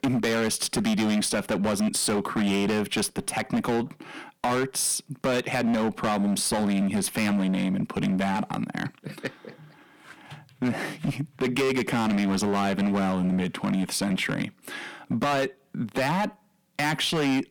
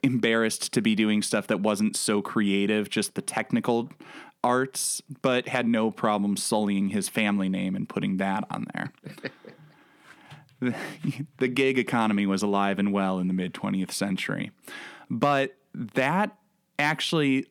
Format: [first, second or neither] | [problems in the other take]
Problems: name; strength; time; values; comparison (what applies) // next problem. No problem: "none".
second | distortion; heavy; 17% of the sound clipped